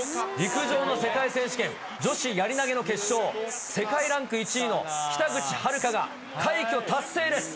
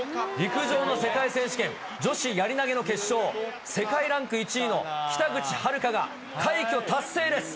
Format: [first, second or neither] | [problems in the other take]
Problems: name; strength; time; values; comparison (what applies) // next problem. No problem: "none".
second | background sound (Insect); 13 dB below the speech